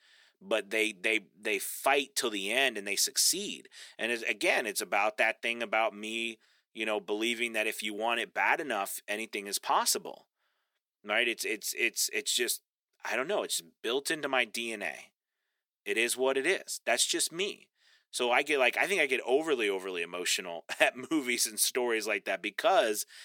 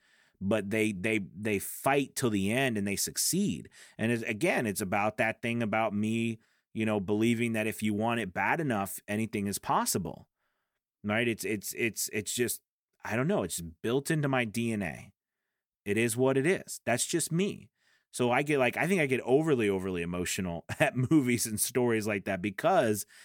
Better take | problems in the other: second | thin; somewhat; fading below 400 Hz

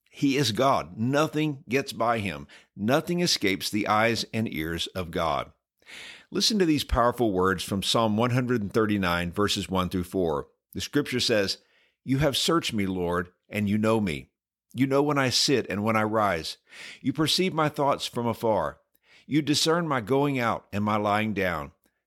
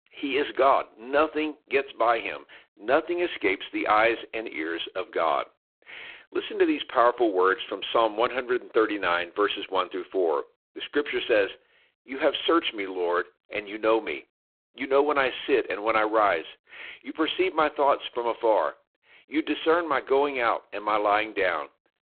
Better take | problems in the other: first | phone-call audio; poor line

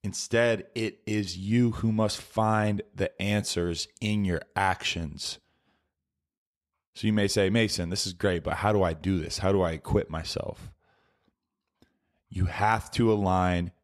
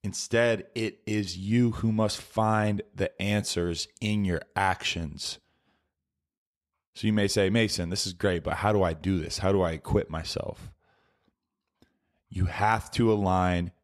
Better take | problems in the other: neither | none

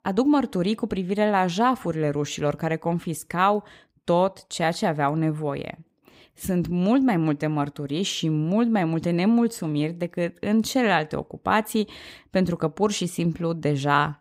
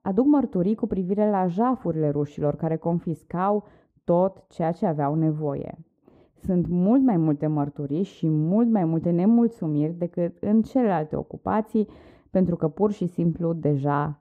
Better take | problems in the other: first | muffled; very; fading above 1.5 kHz

